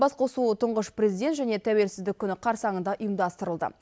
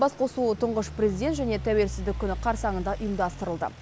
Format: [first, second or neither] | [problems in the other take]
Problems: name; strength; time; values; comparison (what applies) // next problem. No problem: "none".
first | background sound (Idling / Truck); 9 dB below the speech